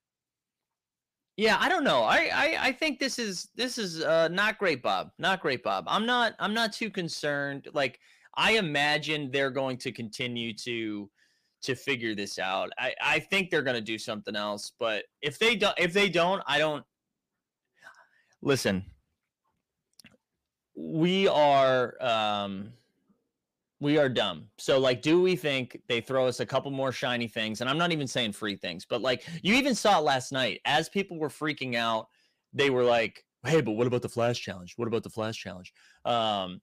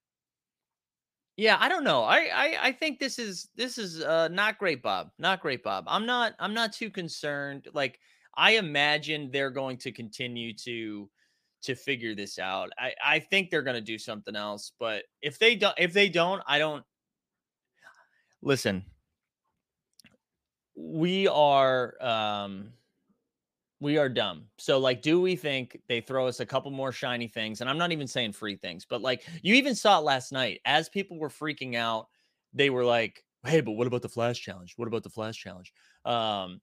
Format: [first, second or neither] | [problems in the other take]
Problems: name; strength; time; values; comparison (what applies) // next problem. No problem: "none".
second | distortion; slight; 10 dB below the speech